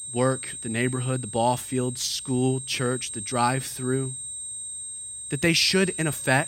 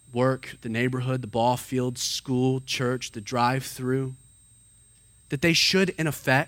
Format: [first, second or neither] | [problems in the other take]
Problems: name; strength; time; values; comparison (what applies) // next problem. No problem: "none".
second | high-pitched whine; loud; throughout; 8.5 kHz, 8 dB below the speech; faint in the second